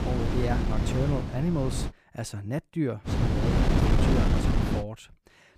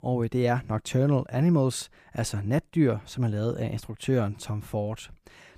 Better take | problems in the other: second | wind noise on the microphone; heavy; until 2 s and from 3 to 5 s; 2 dB above the speech

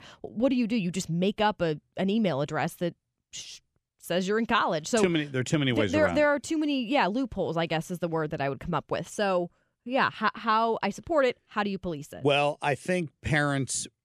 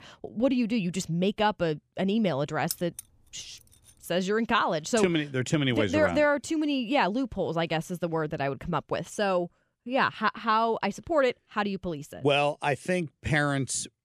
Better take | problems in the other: first | jangling keys; noticeable; at 2.5 s; peak 8 dB below the speech

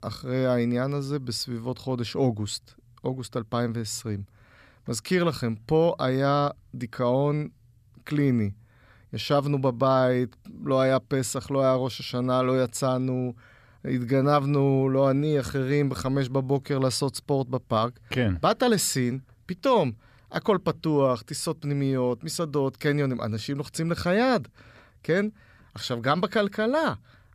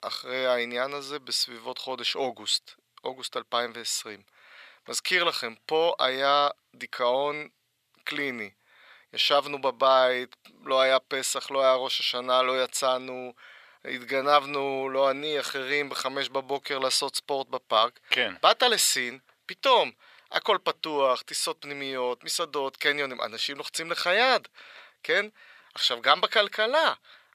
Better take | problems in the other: first | thin; very; fading below 700 Hz

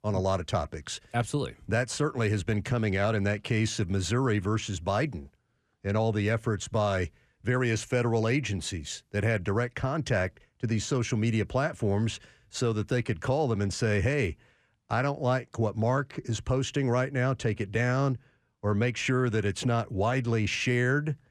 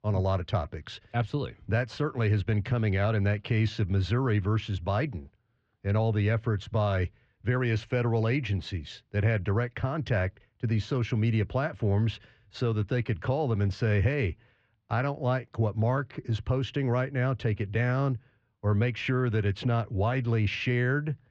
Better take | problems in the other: first | muffled; slightly; fading above 4.5 kHz

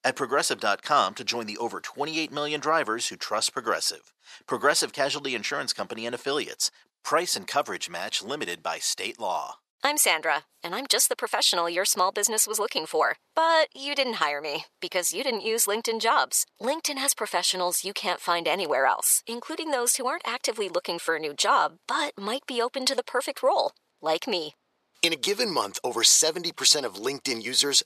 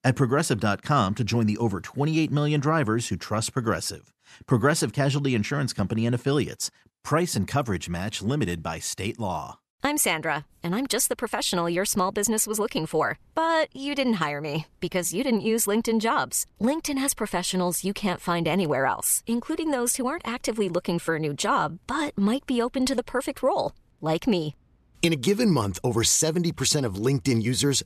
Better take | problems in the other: second | thin; very; fading below 600 Hz

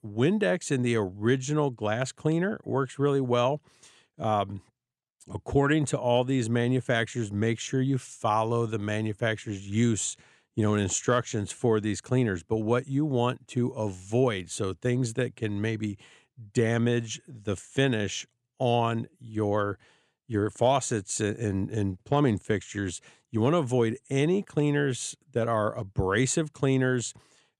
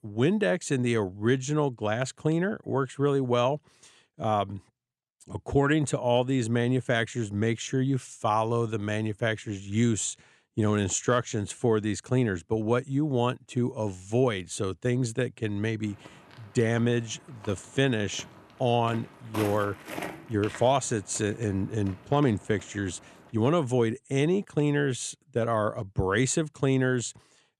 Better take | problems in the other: first | footsteps; noticeable; from 16 to 23 s; peak 8 dB below the speech

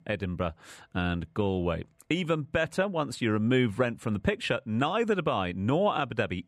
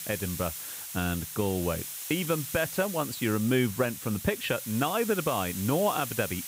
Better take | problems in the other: first | hiss; loud; throughout; 7 dB below the speech

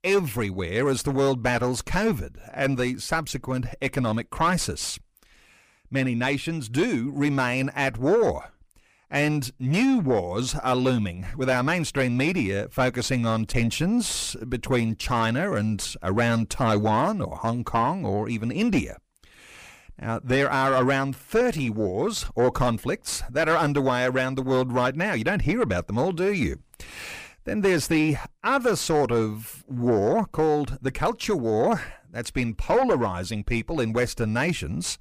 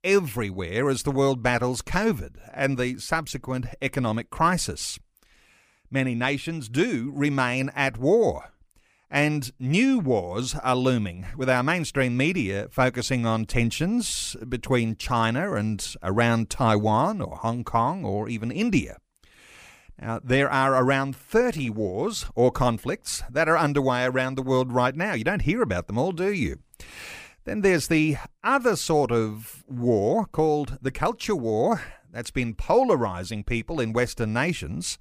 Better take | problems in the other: second | distortion; slight; 10 dB below the speech

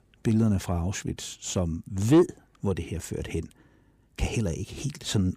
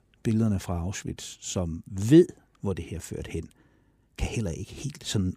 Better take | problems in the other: second | distortion; slight; 10 dB below the speech

